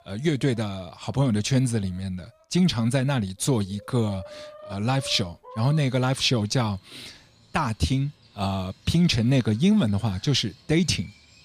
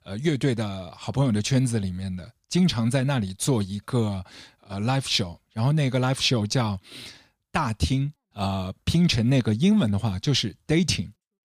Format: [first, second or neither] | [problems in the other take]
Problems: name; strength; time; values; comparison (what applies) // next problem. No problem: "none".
second | animal sounds; faint; throughout; 25 dB below the speech